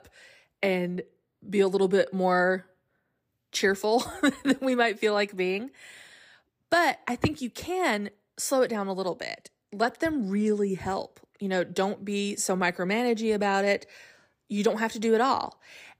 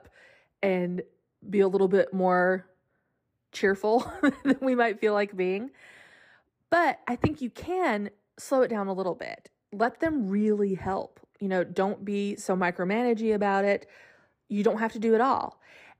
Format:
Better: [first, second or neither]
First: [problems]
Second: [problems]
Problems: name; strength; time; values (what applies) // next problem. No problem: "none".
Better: first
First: none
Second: muffled; slightly; fading above 2.5 kHz